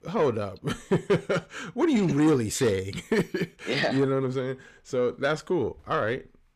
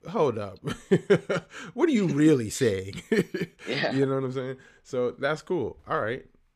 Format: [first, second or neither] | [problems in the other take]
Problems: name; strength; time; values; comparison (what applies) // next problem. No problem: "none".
second | distortion; slight; 10 dB below the speech